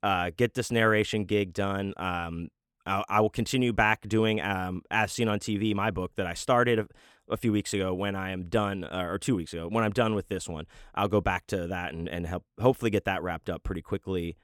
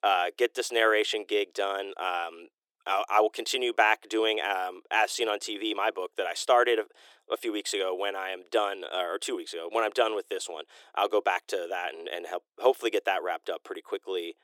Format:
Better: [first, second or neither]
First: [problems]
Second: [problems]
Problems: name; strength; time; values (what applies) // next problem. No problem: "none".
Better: first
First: none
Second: thin; very; fading below 350 Hz